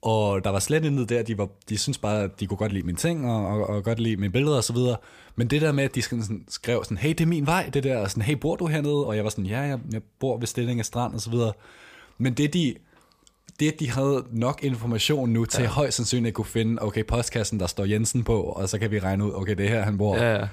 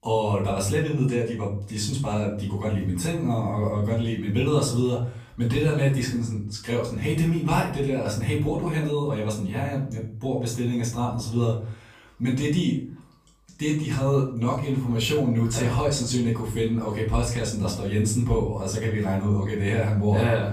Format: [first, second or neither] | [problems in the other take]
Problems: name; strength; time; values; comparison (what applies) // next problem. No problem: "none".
first | off-mic speech; far // room echo; slight; dies away in 0.5 s